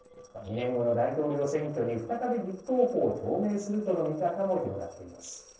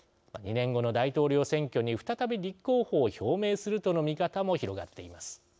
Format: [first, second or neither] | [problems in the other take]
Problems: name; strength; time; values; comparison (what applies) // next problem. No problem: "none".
second | noise reduction (neural separator model SepFormer DNS4)